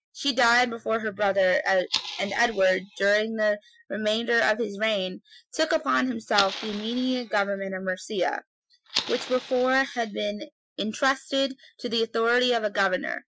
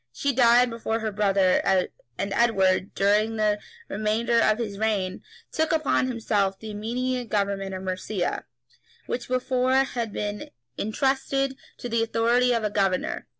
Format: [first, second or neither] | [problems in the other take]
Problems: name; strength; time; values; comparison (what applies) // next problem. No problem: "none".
second | noise reduction (classical method Wiener filter)